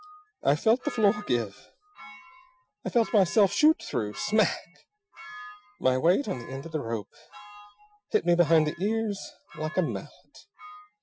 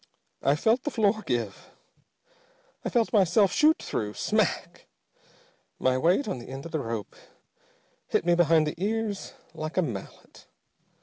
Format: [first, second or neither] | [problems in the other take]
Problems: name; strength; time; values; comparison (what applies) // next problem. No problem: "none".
second | noise reduction (classical method Wiener filter)